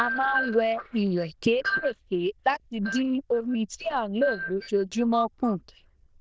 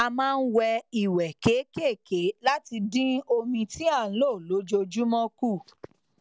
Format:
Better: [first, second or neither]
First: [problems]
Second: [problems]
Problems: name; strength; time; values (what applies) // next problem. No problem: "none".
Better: second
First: noise reduction (neural diffusion model UNIVERSE++)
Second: none